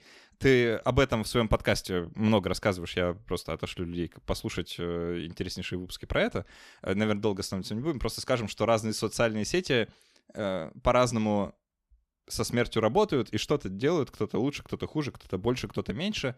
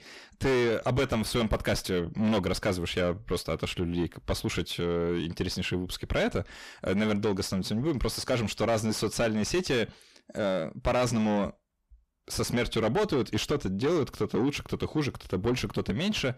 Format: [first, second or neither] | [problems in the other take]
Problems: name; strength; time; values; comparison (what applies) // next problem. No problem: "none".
first | distortion; heavy; 6 dB below the speech